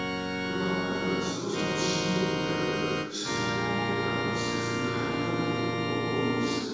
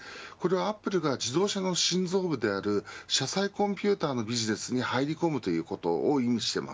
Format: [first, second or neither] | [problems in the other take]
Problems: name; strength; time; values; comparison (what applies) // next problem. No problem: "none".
second | background sound (Organ); 2 dB above the speech // room echo; dies away in 2.1 s